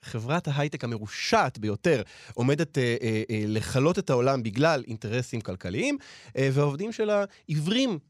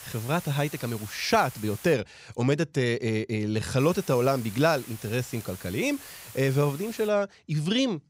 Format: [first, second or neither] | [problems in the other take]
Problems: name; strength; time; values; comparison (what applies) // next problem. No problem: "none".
first | hiss; noticeable; until 2 s and from 4 to 7 s; 15 dB below the speech